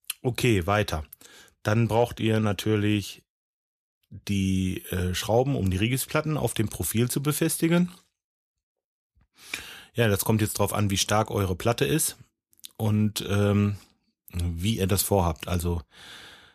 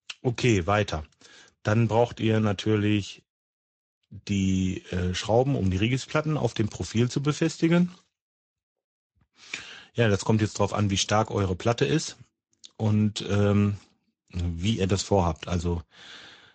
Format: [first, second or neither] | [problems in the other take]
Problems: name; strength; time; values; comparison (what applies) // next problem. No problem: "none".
first | garbled, watery; slightly; nothing above 7.5 kHz